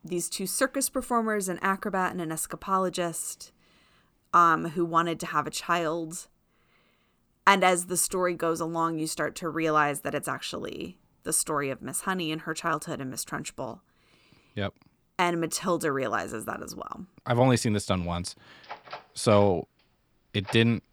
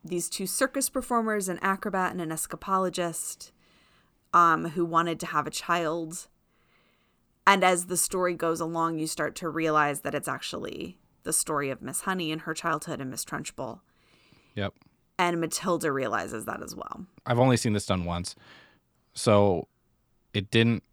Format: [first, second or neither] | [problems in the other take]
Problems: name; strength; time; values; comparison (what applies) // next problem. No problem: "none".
second | door banging; faint; from 19 s on; peak 15 dB below the speech